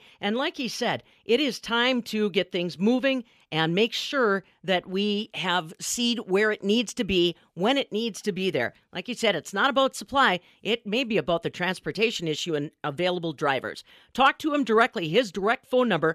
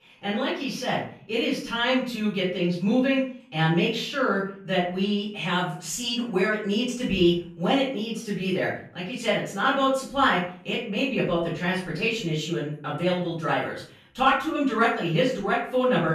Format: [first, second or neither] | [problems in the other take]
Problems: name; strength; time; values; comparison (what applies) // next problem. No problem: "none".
first | off-mic speech; far // room echo; noticeable; dies away in 0.4 s